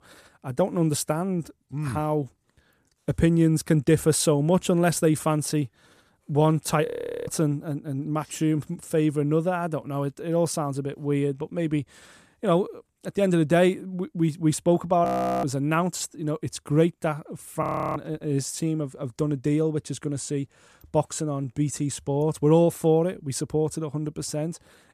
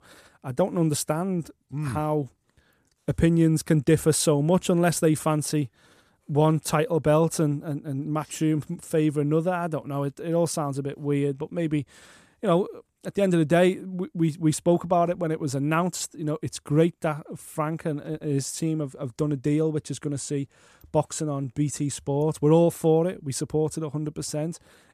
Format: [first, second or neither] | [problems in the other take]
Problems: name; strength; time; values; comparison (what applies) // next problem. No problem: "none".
second | audio freezing; at 7 s, at 15 s and at 18 s